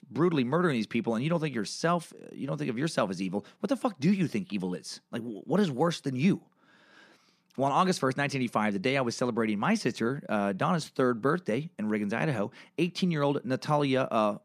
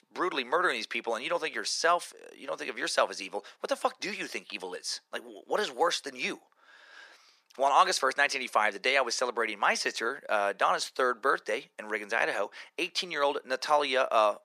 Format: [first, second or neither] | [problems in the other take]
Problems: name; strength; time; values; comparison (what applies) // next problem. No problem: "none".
first | thin; very; fading below 500 Hz